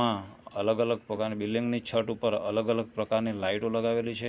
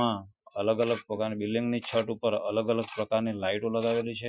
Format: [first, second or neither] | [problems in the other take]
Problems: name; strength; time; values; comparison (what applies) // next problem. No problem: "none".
first | noise reduction (classical method Wiener filter)